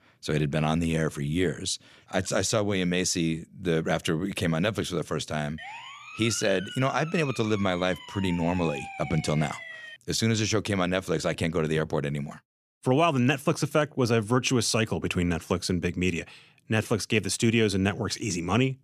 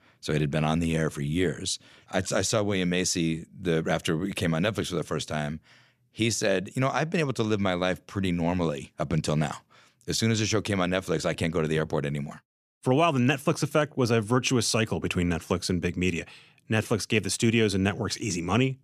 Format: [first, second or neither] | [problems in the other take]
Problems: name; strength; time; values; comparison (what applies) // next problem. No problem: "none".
second | siren; faint; from 5.5 to 10 s; peak 10 dB below the speech